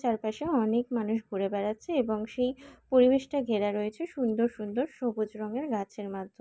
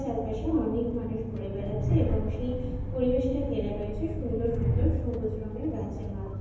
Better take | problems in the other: first | background sound (Train); as loud as the speech // room echo; dies away in 1.1 s

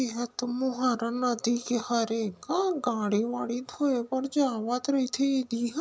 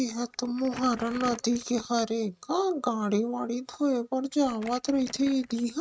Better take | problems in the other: first | noise reduction (neural mask model RNNoise)

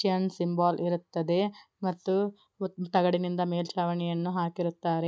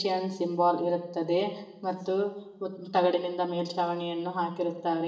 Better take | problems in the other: first | room echo; dies away in 0.9 s

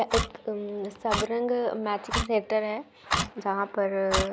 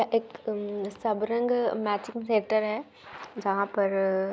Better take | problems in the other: second | background sound (Clock); 5 dB below the speech

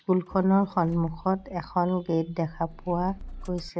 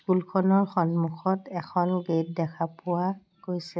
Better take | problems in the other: second | background sound (Motor vehicle (road)); 17 dB below the speech

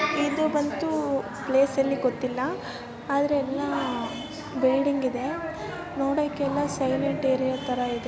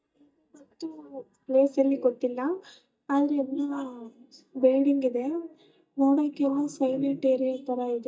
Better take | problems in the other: first | noise reduction (neural mask model DeepFilterNet 3)

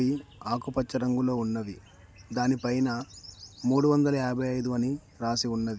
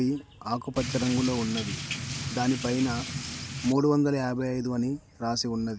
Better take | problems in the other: first | background sound (Drip / Rain); 6 dB below the speech

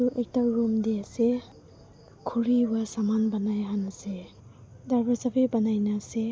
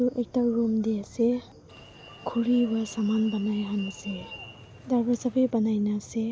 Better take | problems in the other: first | background sound (Alarm); 20 dB below the speech

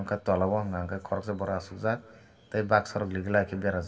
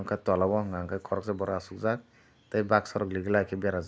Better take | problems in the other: second | room echo; dies away in 2.1 s

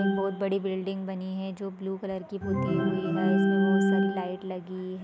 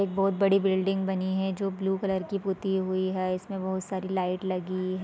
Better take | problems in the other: second | background sound (Organ); 4 dB above the speech

